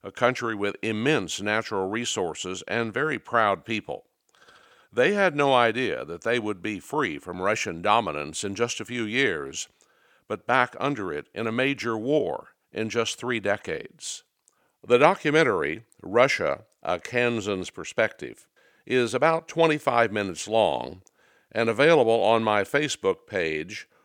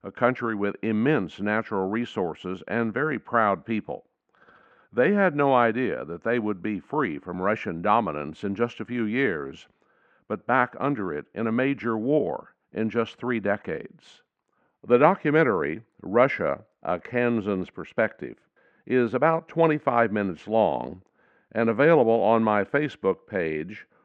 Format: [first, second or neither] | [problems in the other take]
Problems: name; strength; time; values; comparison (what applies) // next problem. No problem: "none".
first | muffled; very; fading above 1.5 kHz